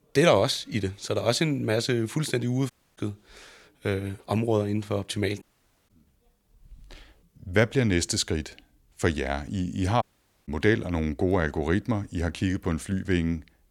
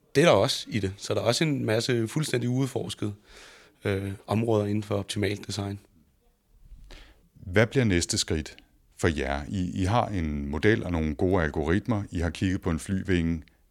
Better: second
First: audio cutting out; at 2.5 s, at 5.5 s and at 10 s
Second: none

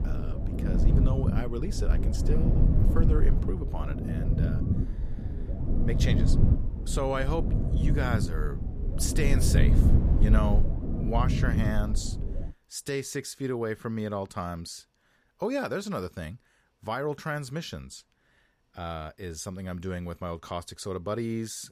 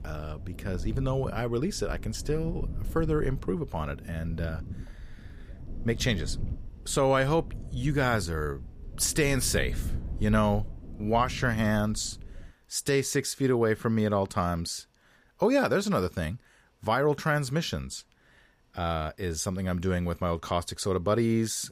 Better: second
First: low rumble; loud; until 12 s; 4 dB below the speech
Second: low rumble; faint; until 12 s; 20 dB below the speech

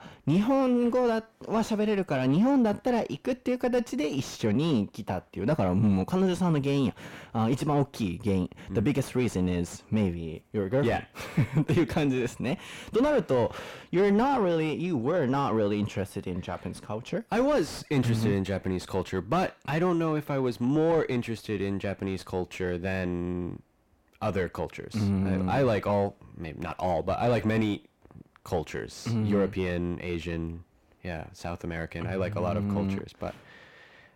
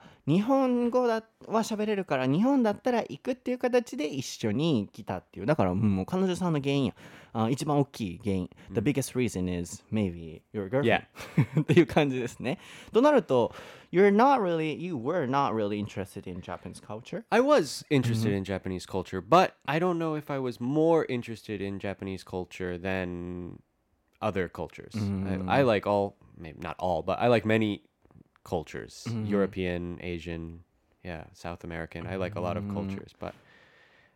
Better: second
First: distortion; heavy; 7 dB below the speech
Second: none

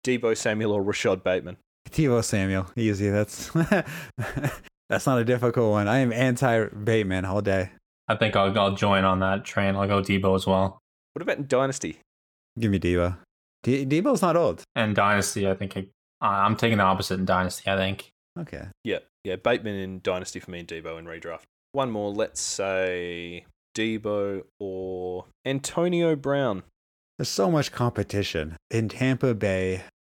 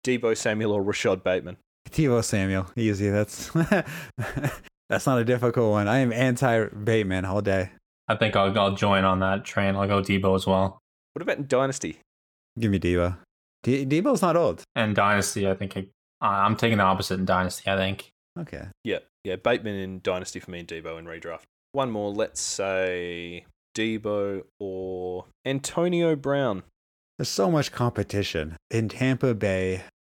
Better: neither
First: none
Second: none

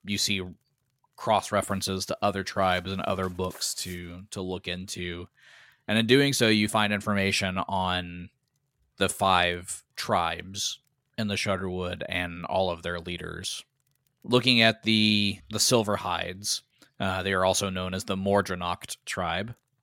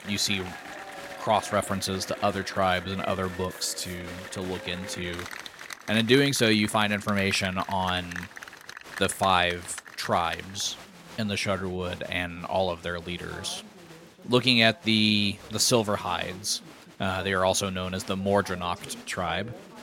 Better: first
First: none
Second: crowd noise; noticeable; throughout; 15 dB below the speech

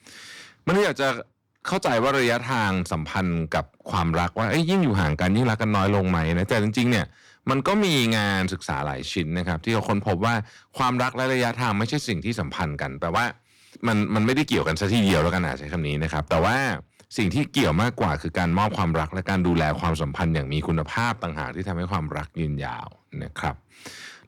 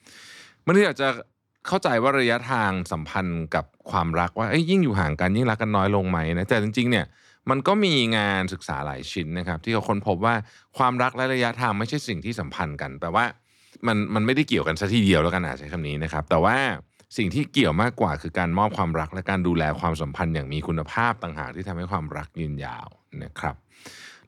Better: second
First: distortion; heavy; 9% of the sound clipped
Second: none

